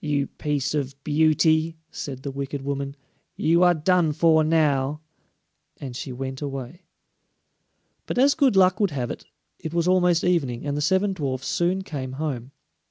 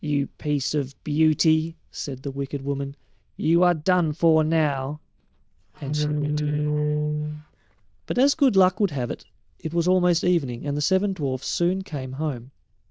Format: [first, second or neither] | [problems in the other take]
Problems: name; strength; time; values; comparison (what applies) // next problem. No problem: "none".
first | noise reduction (neural diffusion model UNIVERSE++)